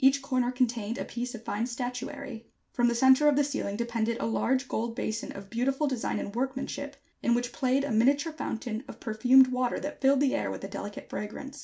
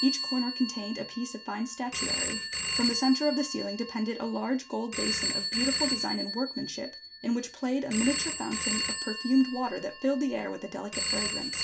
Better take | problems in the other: first | background sound (Telephone); 2 dB below the speech

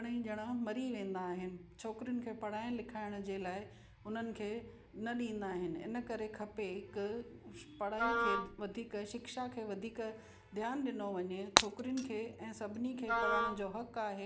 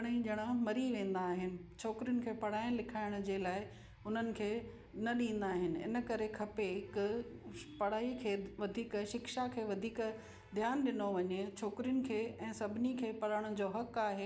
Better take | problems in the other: second | background sound (Wind instrument, woodwind instrument + Shatter); 4 dB above the speech

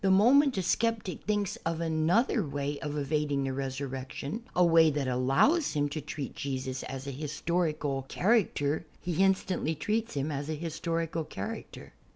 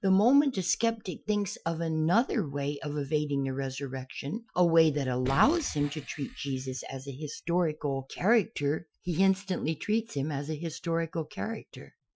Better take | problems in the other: first | noise reduction (classical method Wiener filter)

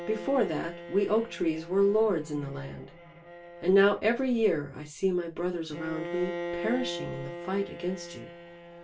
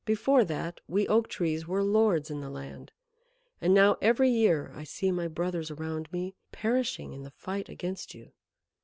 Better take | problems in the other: second | background sound (Bowed string instrument); 12 dB below the speech // room echo; dies away in 0.2 s

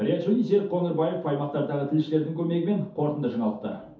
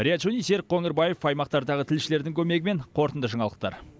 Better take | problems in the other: second | room echo; dies away in 0.5 s

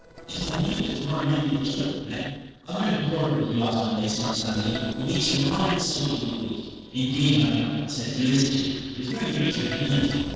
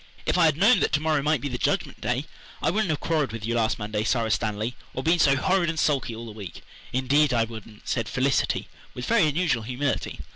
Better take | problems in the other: second | noise reduction (neural separator model SepFormer DNS4)

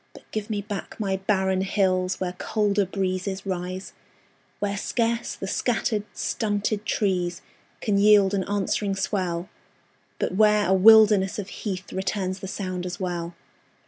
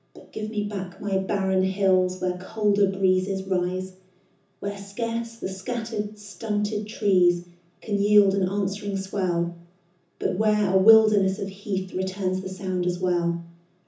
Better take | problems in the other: first | room echo; dies away in 0.6 s

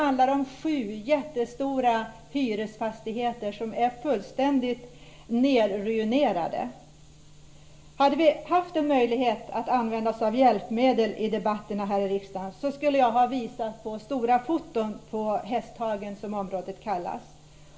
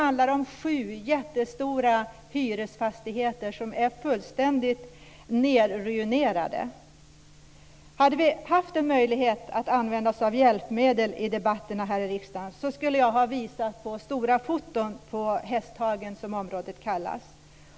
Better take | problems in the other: second | room echo; dies away in 0.4 s

